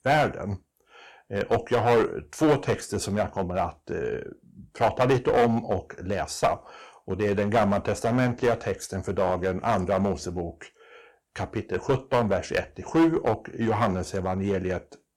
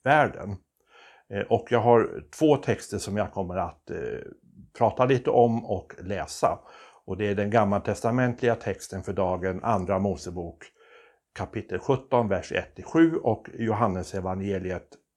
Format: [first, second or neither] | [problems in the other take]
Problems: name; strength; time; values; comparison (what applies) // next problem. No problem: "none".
second | distortion; heavy; 5% of the sound clipped